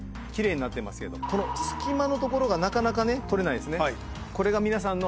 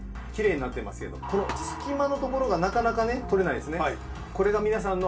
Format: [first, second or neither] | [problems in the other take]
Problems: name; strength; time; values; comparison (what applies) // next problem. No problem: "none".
first | background sound (Thump, thud); 17 dB below the speech // room echo; dies away in 0.2 s